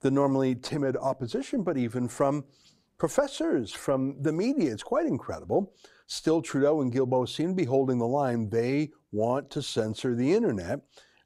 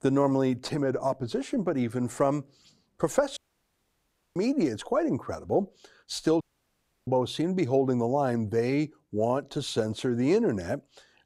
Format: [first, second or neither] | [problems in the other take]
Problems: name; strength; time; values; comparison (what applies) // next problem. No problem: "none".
first | audio cutting out; at 3.5 s for 1 s and at 6.5 s for 0.5 s